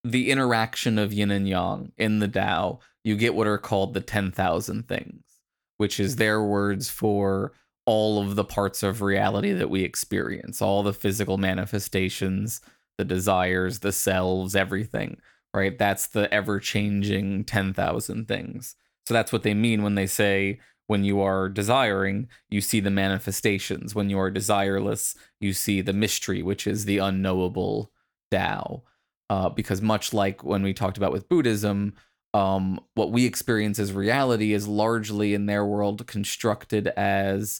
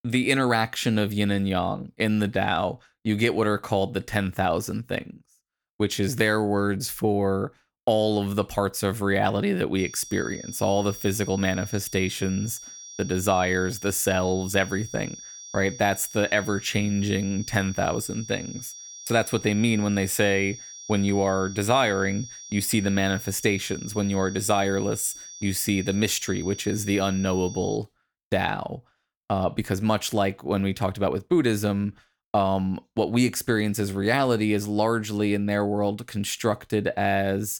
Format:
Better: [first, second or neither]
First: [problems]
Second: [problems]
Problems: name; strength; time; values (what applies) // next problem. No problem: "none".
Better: first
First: none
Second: high-pitched whine; noticeable; from 10 to 28 s; 5.5 kHz, 15 dB below the speech